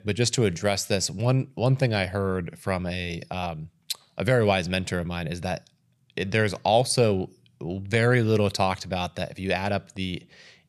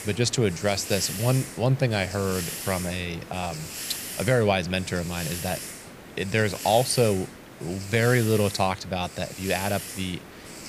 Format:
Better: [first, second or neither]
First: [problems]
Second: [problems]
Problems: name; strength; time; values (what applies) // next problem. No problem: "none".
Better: first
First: none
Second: hiss; loud; throughout; 9 dB below the speech